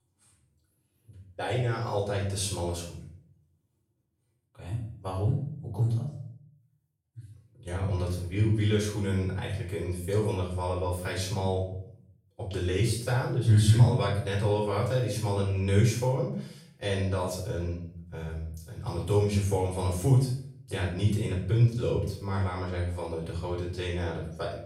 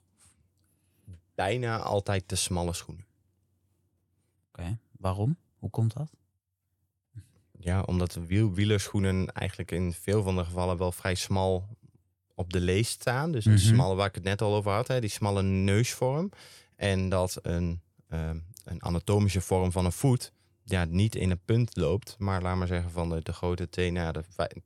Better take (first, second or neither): second